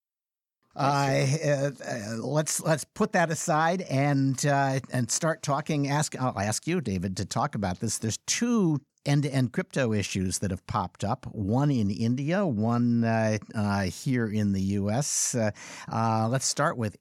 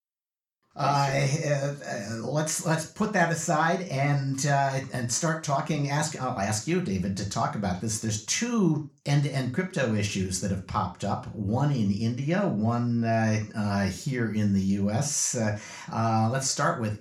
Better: first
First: none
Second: room echo; slight; dies away in 0.4 s // off-mic speech; somewhat distant

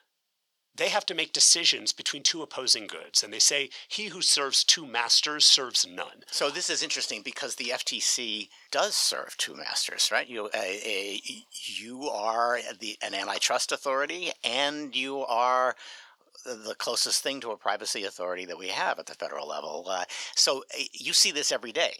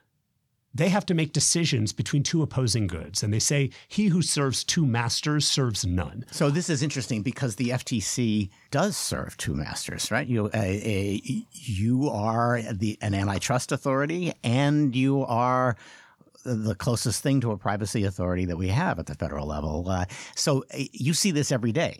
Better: second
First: thin; very; fading below 500 Hz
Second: none

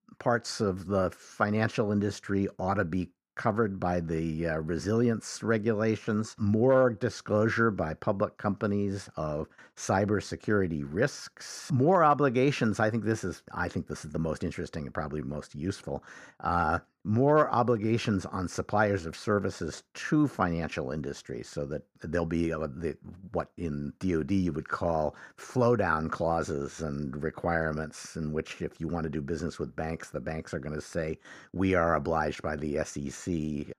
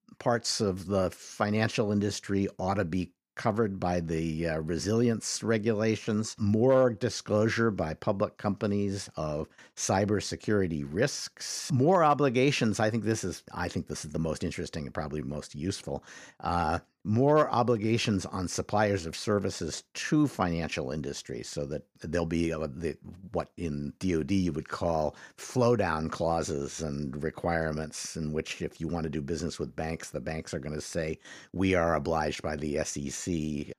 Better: second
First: muffled; very slightly; fading above 2 kHz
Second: none

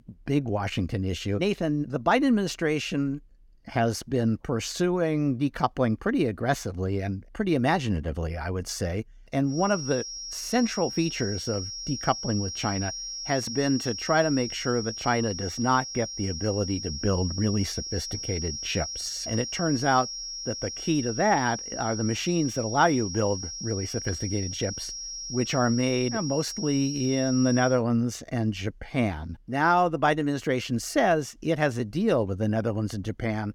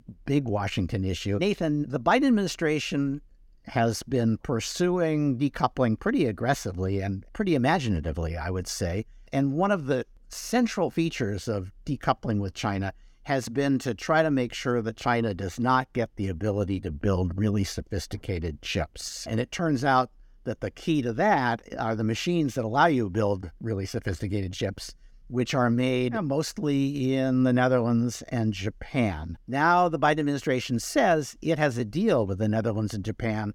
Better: second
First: high-pitched whine; loud; from 9.5 to 28 s; 5.5 kHz, 6 dB below the speech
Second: none

